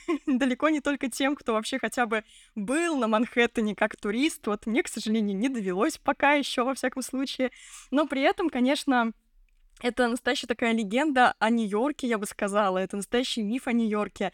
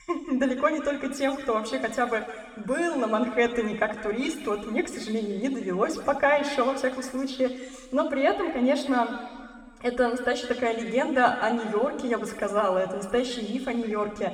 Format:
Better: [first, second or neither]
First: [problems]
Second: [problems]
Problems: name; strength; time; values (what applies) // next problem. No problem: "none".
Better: first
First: none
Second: room echo; noticeable; dies away in 1.8 s // off-mic speech; somewhat distant